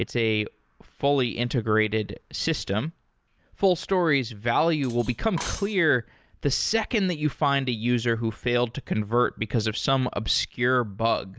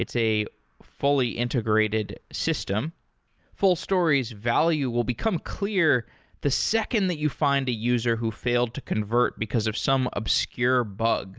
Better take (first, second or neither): second